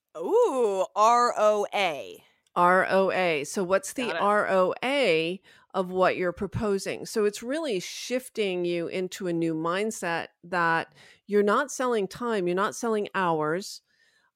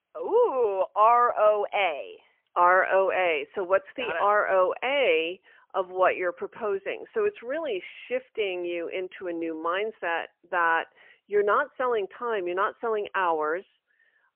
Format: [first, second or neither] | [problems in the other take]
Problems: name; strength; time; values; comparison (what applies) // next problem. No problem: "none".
first | phone-call audio; poor line; nothing above 3 kHz